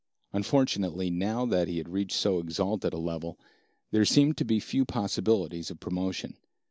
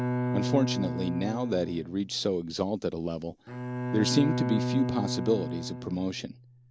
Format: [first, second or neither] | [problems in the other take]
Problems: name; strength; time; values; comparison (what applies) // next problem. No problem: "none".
first | background sound (Bowed string instrument); 3 dB below the speech